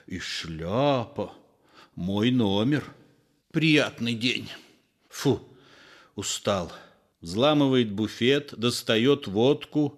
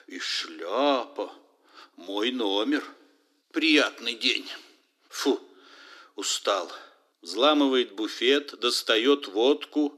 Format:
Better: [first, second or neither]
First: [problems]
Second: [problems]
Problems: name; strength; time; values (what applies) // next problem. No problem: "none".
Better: first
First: none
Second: thin; very slightly; fading below 250 Hz